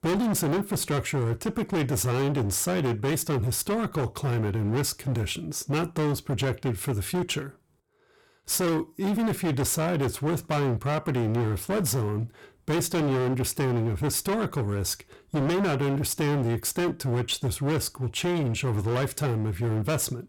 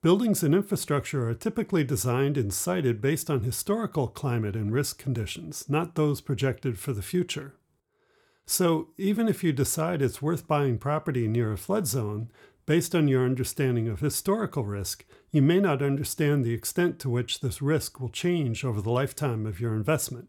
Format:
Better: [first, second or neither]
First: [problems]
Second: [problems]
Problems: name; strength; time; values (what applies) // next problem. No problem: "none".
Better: second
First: distortion; heavy; 28% of the sound clipped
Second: none